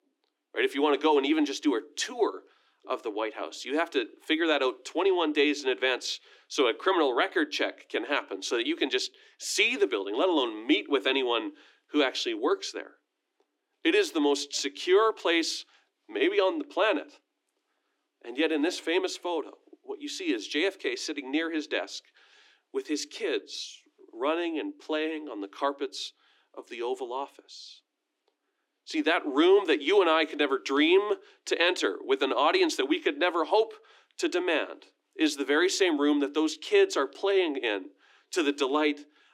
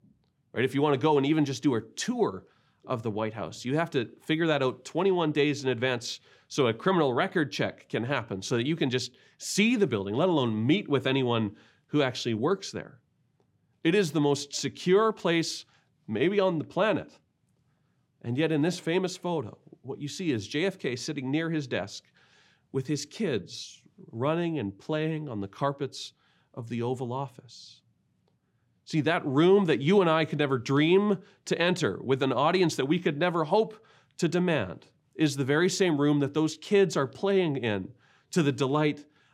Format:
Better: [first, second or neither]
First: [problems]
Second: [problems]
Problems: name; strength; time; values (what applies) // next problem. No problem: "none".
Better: second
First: thin; very slightly; fading below 300 Hz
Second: none